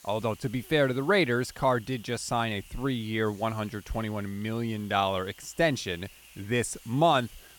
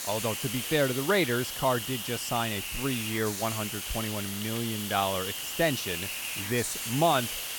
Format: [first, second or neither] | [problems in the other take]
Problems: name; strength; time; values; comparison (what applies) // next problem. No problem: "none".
first | hiss; loud; throughout; 3 dB below the speech; faint in the first